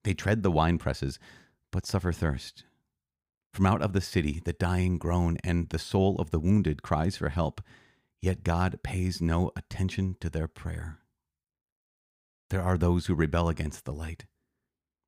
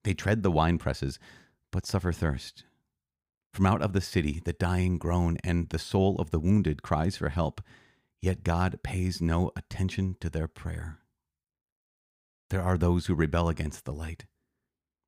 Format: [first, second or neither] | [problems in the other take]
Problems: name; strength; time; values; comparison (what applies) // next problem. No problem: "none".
neither | none